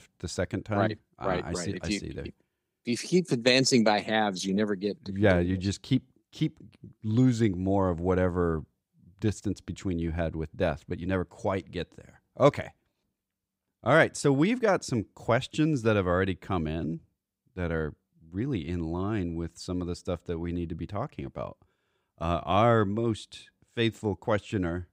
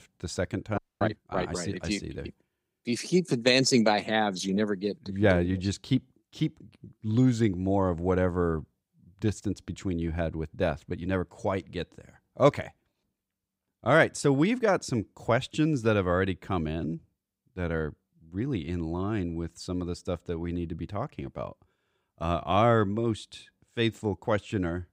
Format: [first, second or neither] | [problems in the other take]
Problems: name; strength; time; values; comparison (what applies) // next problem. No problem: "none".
first | audio freezing; at 1 s